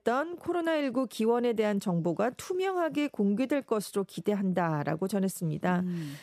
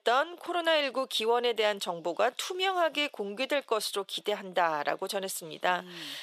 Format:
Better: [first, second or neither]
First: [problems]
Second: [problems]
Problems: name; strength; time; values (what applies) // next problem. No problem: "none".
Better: first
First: none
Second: thin; very; fading below 650 Hz